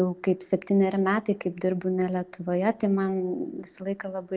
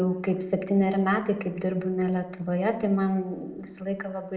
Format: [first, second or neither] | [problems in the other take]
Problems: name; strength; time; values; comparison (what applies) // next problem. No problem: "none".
first | room echo; dies away in 0.8 s